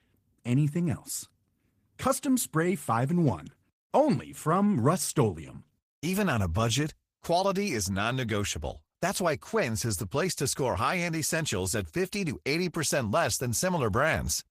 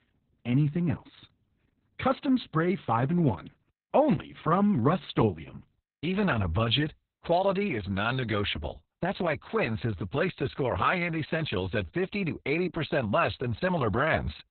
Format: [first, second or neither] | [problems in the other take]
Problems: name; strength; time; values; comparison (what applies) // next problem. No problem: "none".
first | garbled, watery; badly; nothing above 4 kHz; slightly in the first